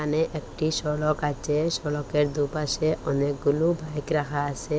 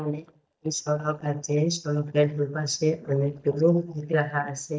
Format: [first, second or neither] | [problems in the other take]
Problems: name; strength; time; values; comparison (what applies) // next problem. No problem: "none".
first | noise reduction (neural mask model DeepFilterNet 3)